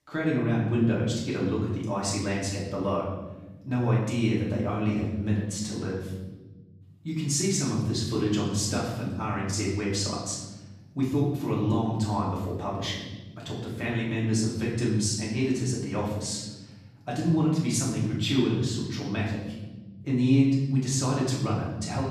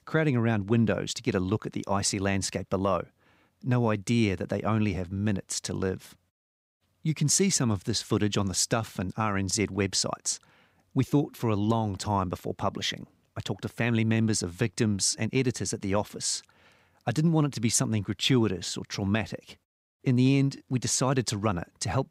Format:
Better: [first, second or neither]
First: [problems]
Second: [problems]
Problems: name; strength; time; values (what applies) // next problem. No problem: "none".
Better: second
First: off-mic speech; far // room echo; noticeable; dies away in 1.3 s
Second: none